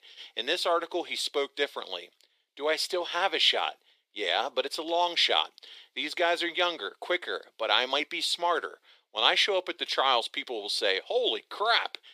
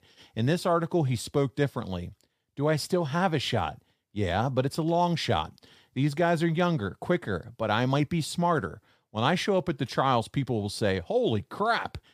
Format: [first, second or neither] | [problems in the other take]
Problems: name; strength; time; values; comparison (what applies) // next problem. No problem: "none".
second | thin; very; fading below 350 Hz